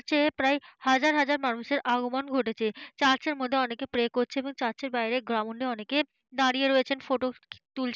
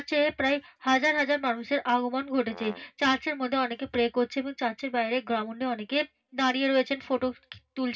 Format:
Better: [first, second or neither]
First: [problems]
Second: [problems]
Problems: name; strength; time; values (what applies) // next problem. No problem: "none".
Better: first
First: none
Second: background sound (Brass instrument); 18 dB below the speech // room echo; dies away in 0.4 s